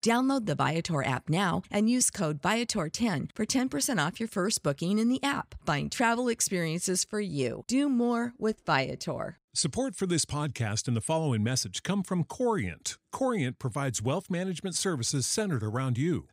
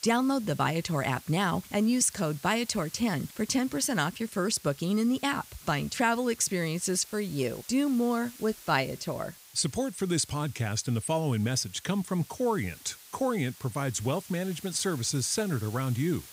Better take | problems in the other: first | hiss; noticeable; throughout; 20 dB below the speech

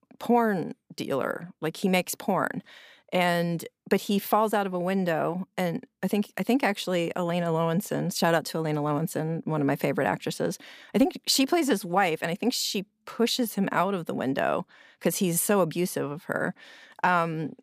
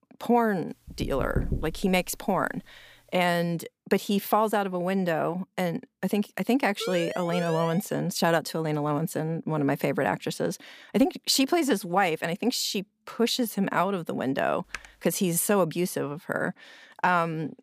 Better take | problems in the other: first | door banging; noticeable; from 1 to 2 s; peak 4 dB below the speech // siren; noticeable; from 7 to 8 s; peak 8 dB below the speech // keyboard typing; faint; at 15 s; peak 15 dB below the speech

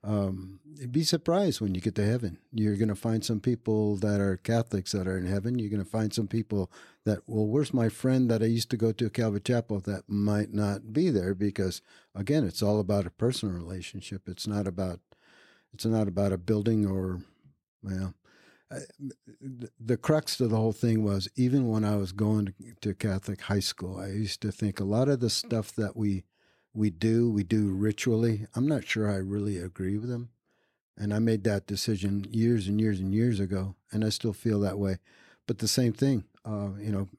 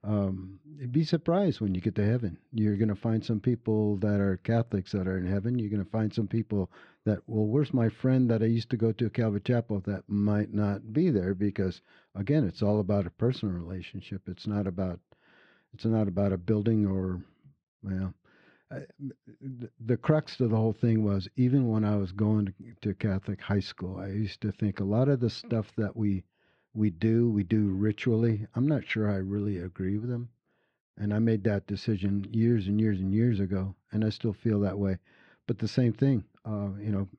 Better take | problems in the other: first | muffled; slightly; fading above 3.5 kHz

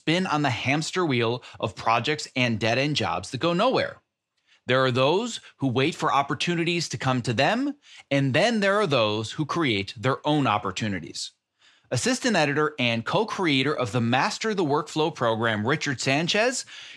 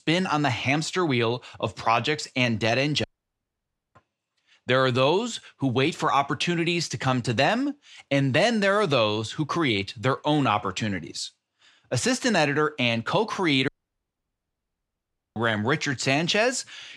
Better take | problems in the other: first | audio cutting out; at 3 s for 1 s and at 14 s for 1.5 s

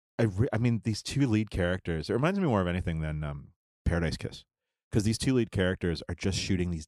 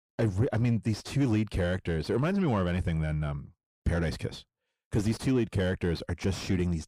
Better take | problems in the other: first | distortion; slight; 10 dB below the speech

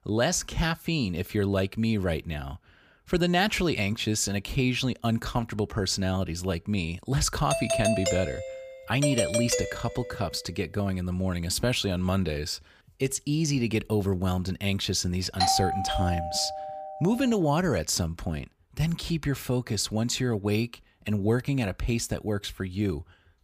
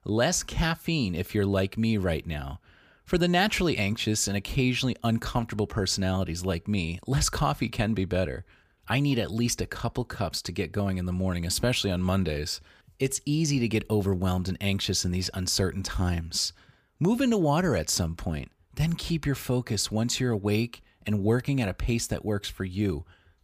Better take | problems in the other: second | doorbell; loud; from 7.5 to 10 s and from 15 to 17 s; peak 2 dB above the speech

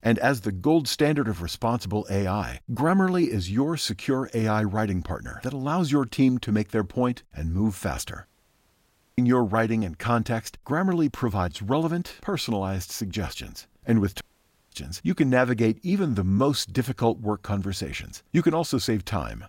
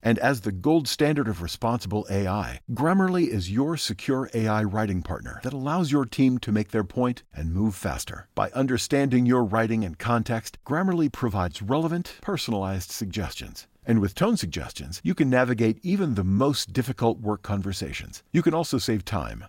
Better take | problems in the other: second | audio cutting out; at 8.5 s for 1 s and at 14 s for 0.5 s

